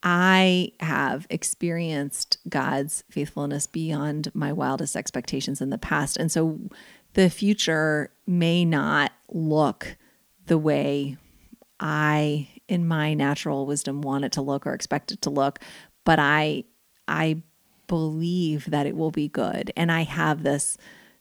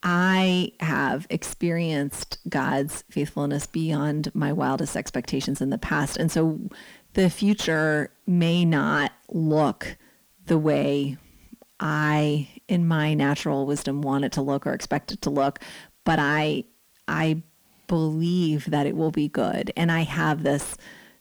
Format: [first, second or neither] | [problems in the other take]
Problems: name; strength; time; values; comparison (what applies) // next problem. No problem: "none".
first | distortion; slight; 10 dB below the speech